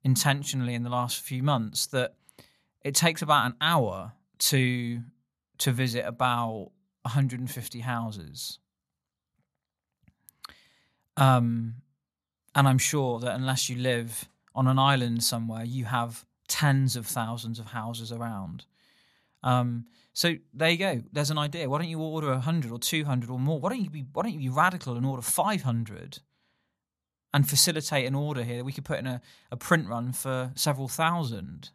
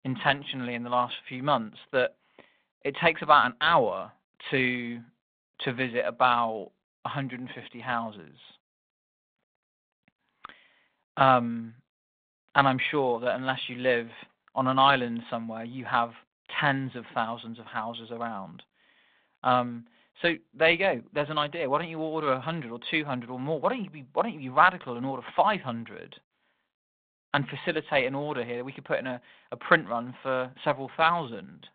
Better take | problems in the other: first | phone-call audio; nothing above 3.5 kHz

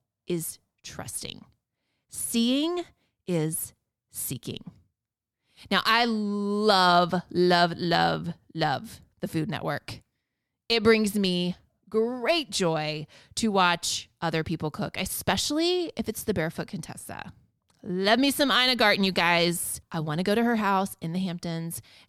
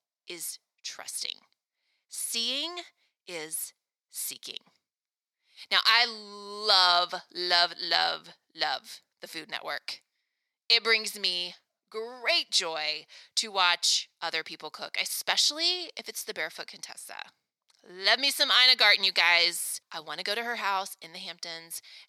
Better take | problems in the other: first | thin; very; fading below 650 Hz

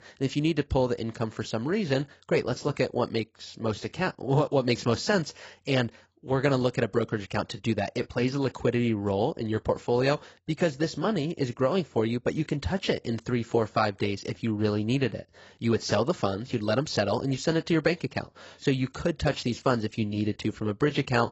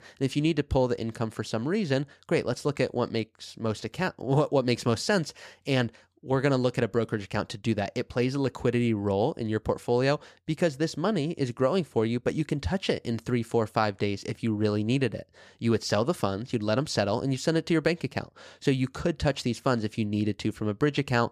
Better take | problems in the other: second | garbled, watery; badly; nothing above 7.5 kHz

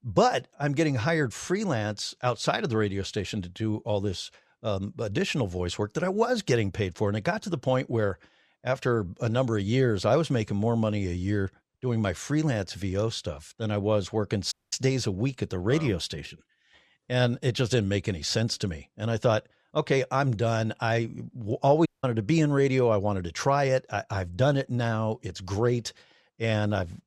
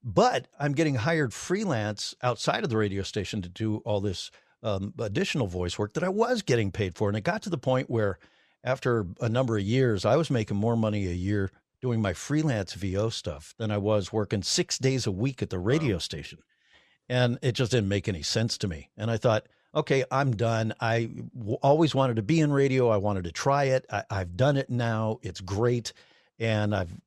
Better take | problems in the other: second | audio cutting out; at 15 s and at 22 s

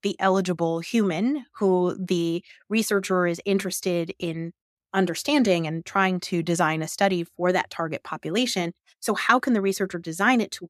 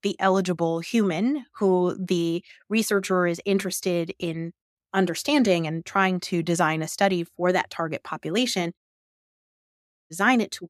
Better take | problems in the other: first | audio cutting out; at 9 s for 1.5 s

